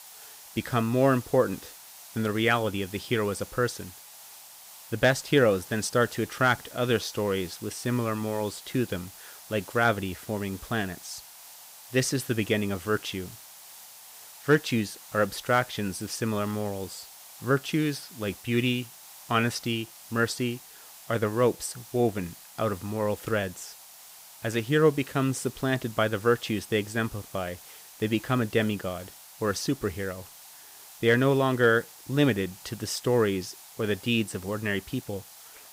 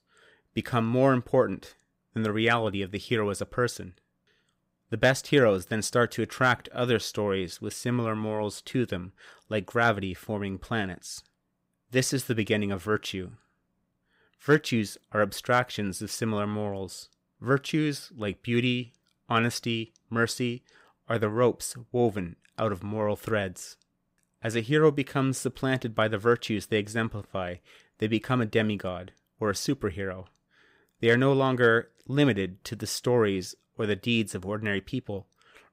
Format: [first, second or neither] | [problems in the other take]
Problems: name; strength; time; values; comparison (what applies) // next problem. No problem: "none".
second | hiss; noticeable; throughout; 15 dB below the speech